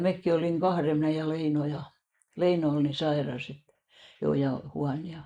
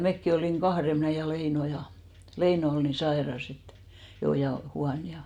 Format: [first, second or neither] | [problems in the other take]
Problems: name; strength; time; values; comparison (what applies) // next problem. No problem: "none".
second | noise reduction (neural mask model Resemble Enhance denoiser)